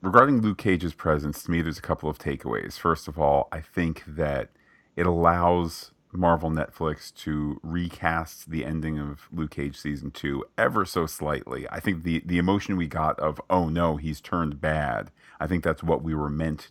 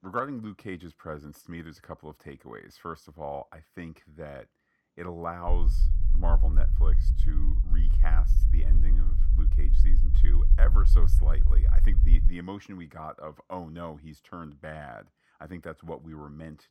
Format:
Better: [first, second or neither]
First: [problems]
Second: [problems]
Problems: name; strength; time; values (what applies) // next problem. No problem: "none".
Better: first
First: none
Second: low rumble; loud; from 5.5 to 12 s; 8 dB below the speech